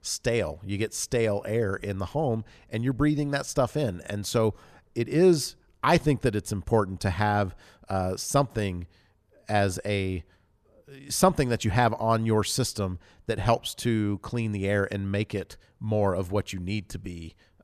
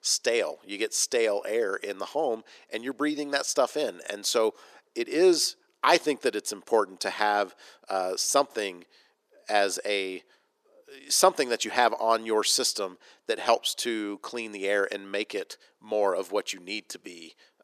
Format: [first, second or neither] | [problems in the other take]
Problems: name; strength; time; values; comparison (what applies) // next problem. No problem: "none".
first | thin; somewhat; fading below 350 Hz